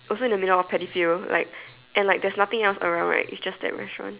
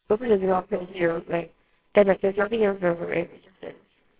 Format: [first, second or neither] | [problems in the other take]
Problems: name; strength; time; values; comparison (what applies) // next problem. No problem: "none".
first | noise reduction (neural separator model SepFormer WHAMR!)